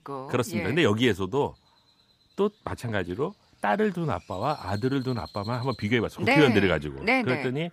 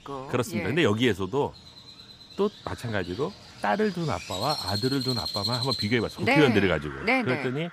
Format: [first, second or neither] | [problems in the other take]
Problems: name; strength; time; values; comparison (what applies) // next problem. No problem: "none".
first | animal sounds; loud; throughout; 7 dB below the speech; faint in the first